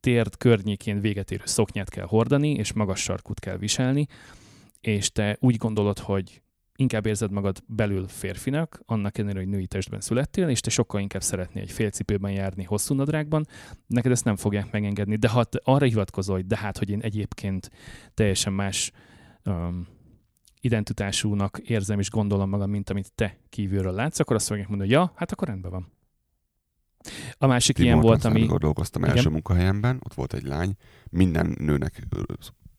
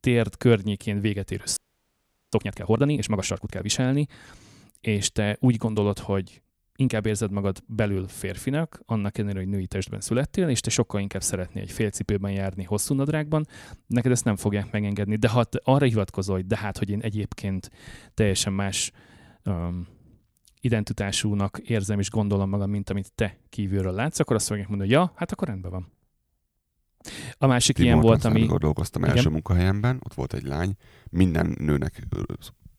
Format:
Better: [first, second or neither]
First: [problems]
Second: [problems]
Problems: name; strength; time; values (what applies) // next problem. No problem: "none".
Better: first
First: none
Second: audio freezing; at 1.5 s for 1 s